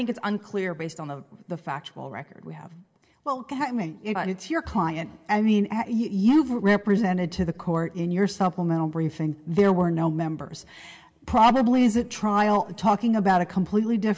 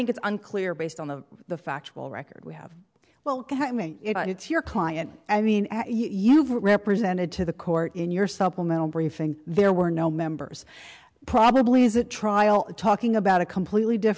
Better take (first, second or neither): second